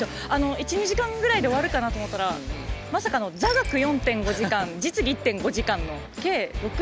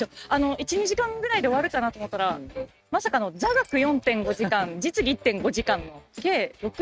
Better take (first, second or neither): first